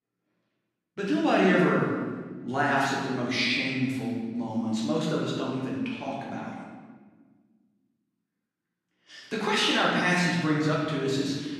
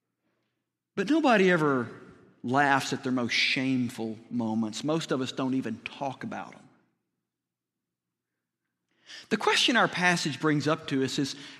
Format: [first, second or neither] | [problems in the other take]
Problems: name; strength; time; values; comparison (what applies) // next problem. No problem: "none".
second | room echo; noticeable; dies away in 1.2 s // off-mic speech; far